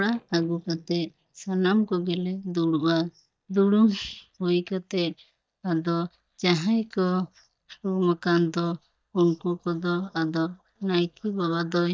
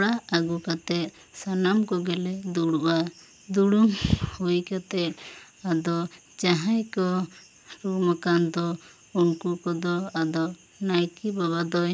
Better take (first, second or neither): second